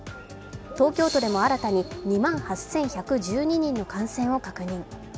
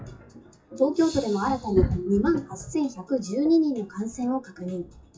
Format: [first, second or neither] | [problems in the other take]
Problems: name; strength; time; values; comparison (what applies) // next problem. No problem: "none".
first | noise reduction (classical method WPE with log-MMSE)